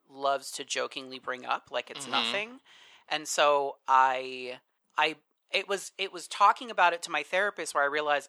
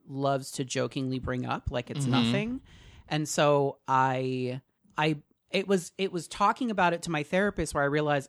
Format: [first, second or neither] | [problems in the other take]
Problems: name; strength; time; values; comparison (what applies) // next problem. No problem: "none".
second | thin; very; fading below 650 Hz